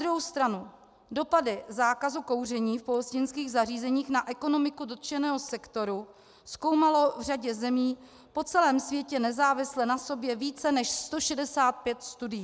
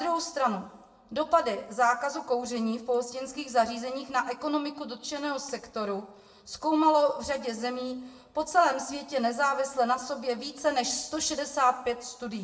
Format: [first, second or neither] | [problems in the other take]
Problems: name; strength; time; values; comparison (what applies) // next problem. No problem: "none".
first | room echo; dies away in 0.6 s